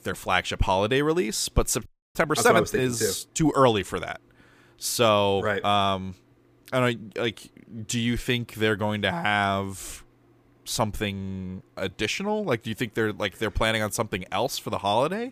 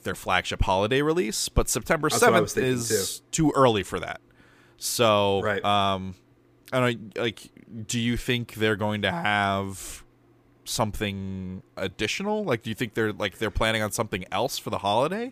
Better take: second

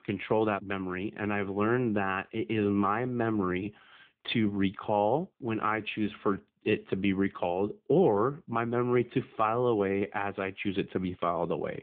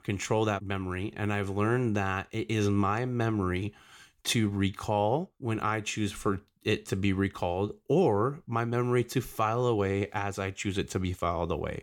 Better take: second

